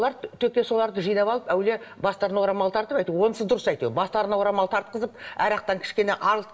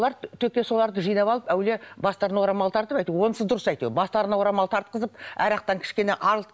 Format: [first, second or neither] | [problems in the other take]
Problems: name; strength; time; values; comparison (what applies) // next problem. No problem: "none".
second | room echo; dies away in 1 s